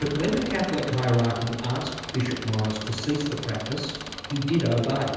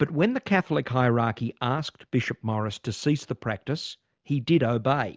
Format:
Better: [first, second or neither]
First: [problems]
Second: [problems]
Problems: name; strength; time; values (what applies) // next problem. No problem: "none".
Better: second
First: background sound (Engine); 10 dB below the speech // room echo; dies away in 1.1 s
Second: none